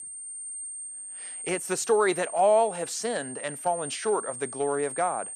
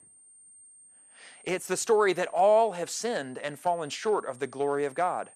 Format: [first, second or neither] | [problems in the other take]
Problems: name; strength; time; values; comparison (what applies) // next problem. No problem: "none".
second | high-pitched whine; loud; throughout; 8.5 kHz, 9 dB below the speech; faint in the second